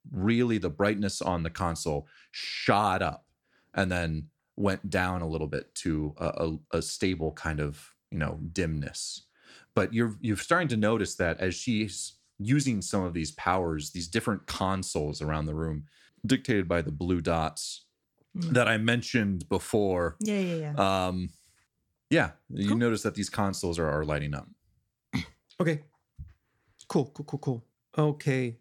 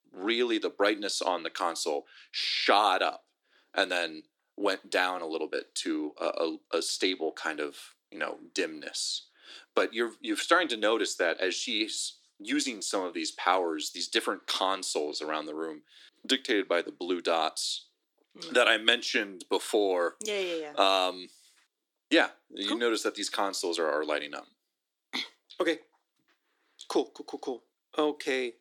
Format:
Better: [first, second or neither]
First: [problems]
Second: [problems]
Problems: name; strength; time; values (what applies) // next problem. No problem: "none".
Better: first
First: none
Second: thin; somewhat; fading below 300 Hz